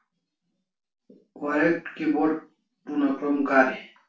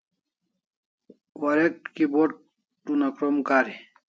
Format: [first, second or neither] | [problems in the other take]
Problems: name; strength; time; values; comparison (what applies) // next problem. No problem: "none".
second | room echo; dies away in 0.3 s